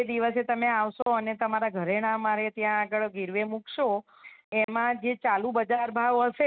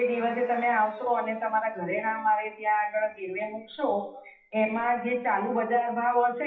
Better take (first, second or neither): first